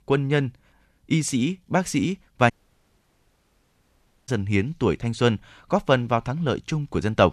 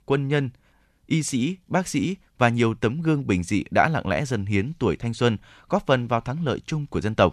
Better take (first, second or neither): second